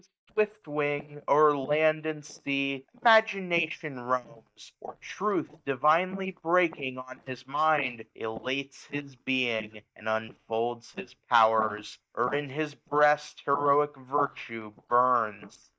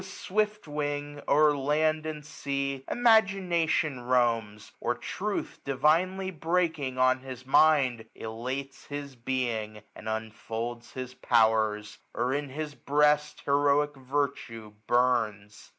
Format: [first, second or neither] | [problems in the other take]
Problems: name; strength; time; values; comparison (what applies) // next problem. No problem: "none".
second | noise reduction (neural mask model DeepFilterNet 3)